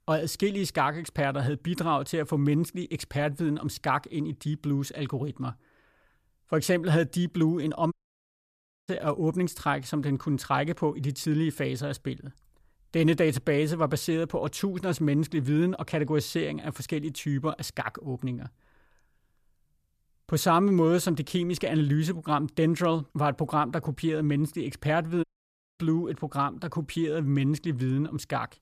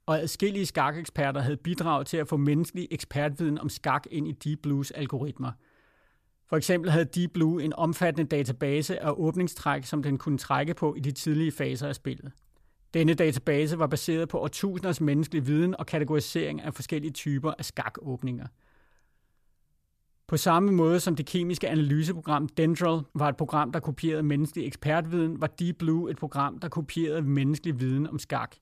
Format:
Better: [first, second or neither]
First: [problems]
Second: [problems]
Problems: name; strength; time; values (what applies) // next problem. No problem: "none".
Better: second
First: audio cutting out; at 8 s for 1 s and at 25 s for 0.5 s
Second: none